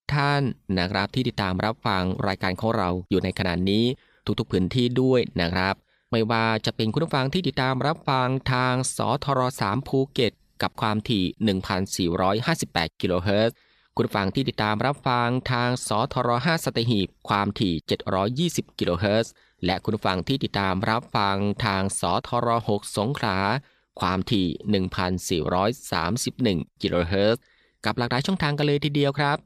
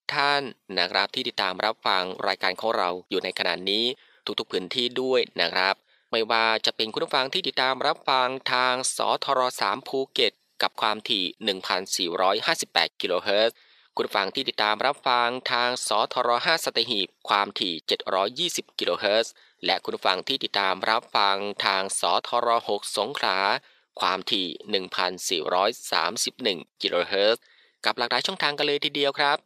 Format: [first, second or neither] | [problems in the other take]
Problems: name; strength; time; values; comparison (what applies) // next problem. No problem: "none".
first | thin; very; fading below 500 Hz